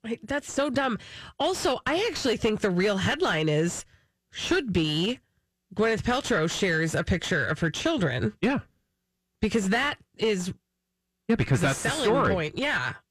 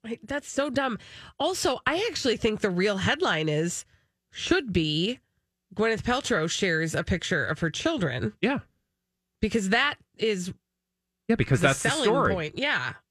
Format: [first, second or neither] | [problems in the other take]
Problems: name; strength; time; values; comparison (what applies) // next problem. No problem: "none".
second | distortion; slight; 10 dB below the speech